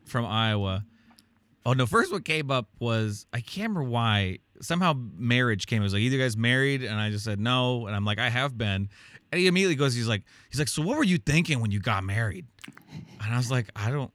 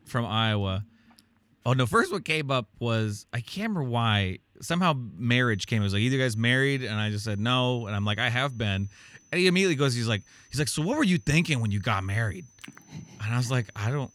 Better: first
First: none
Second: high-pitched whine; faint; from 5.5 s on; 6 kHz, 30 dB below the speech

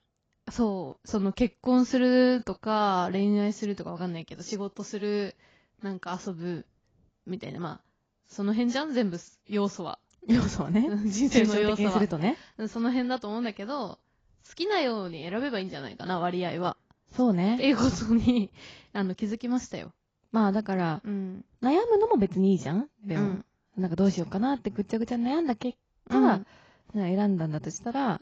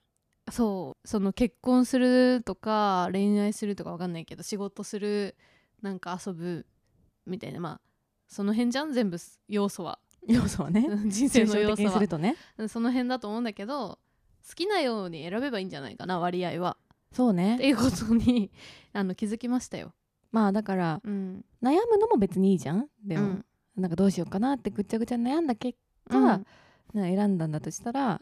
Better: second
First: garbled, watery; badly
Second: none

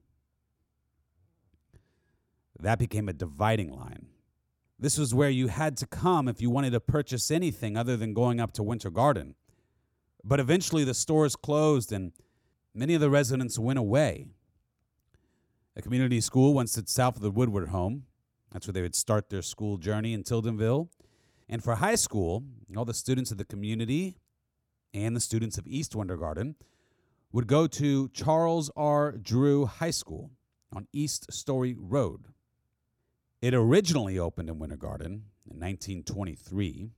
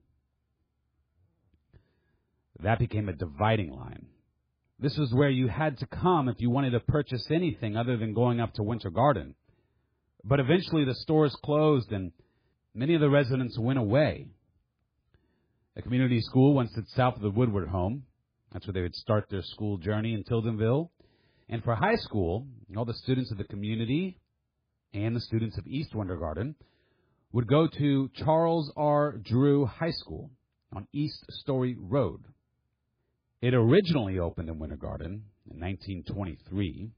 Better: first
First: none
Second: garbled, watery; badly; nothing above 5 kHz

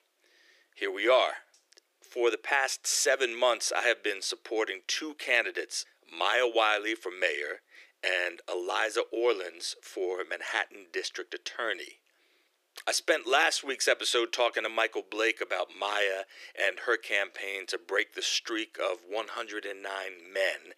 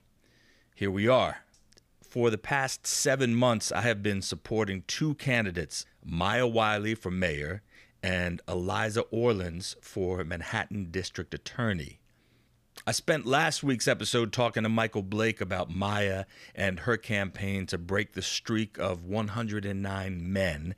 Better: second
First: thin; very; fading below 350 Hz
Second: none

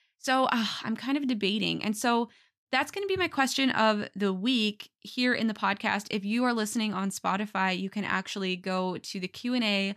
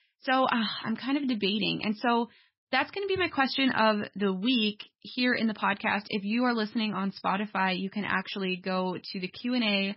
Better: first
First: none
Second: garbled, watery; badly; nothing above 5 kHz

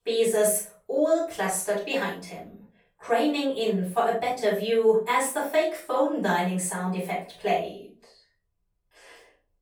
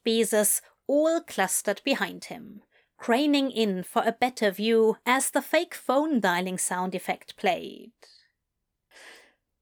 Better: second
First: off-mic speech; far // room echo; noticeable; dies away in 0.4 s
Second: none

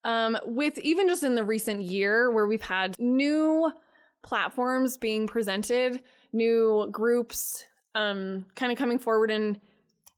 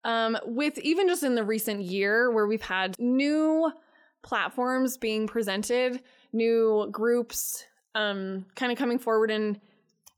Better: second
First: garbled, watery; slightly; nothing above 19.5 kHz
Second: none

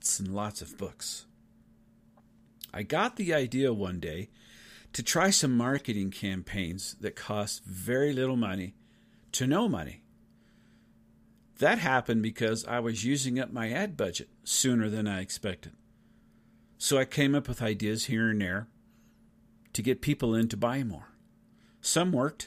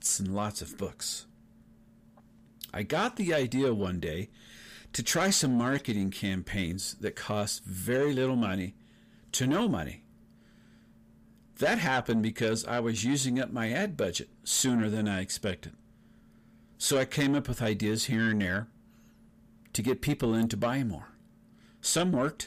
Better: first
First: none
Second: distortion; slight; 10 dB below the speech

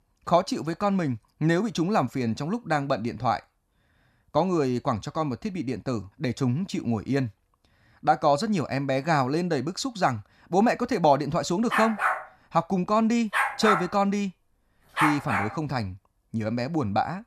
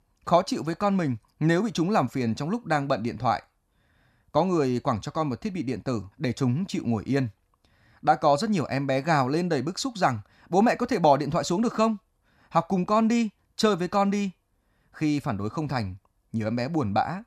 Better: second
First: dog barking; loud; from 12 to 15 s; peak 2 dB above the speech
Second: none

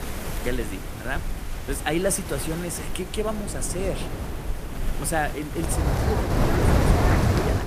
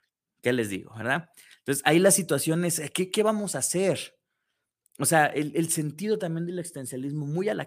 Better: second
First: wind in the background; very loud; throughout; 3 dB above the speech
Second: none

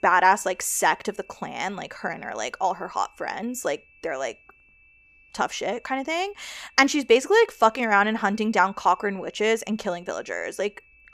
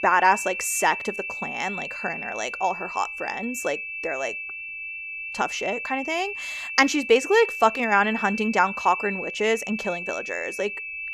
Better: first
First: high-pitched whine; faint; throughout; 2.5 kHz, 30 dB below the speech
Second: high-pitched whine; loud; throughout; 2.5 kHz, 6 dB below the speech

